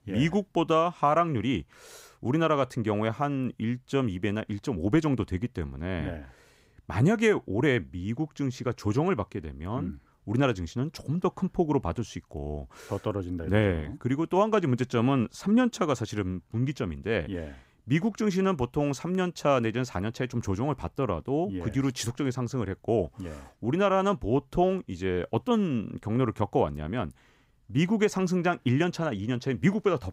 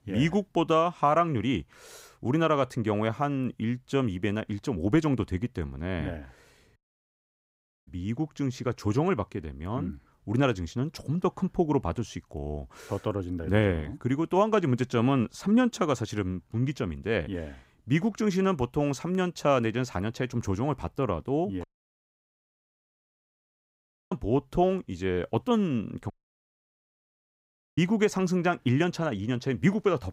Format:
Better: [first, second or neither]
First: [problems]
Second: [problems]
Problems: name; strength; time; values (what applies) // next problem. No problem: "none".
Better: first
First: none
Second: audio cutting out; at 7 s for 1 s, at 22 s for 2.5 s and at 26 s for 1.5 s